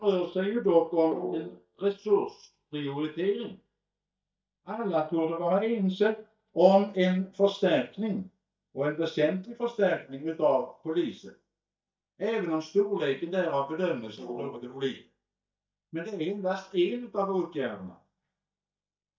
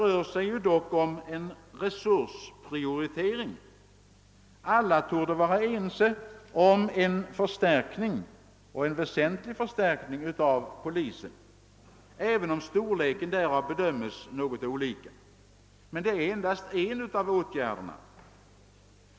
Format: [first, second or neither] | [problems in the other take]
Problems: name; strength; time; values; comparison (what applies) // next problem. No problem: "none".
second | noise reduction (neural mask model DeepFilterNet 3)